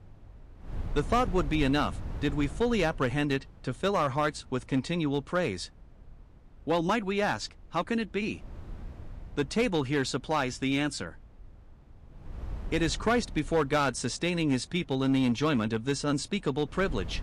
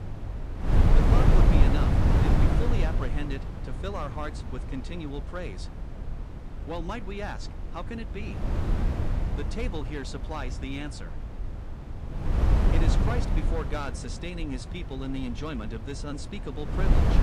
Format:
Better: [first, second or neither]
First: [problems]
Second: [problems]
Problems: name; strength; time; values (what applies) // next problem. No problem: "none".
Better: first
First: wind noise on the microphone; occasional gusts; 25 dB below the speech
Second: wind noise on the microphone; heavy; 1 dB above the speech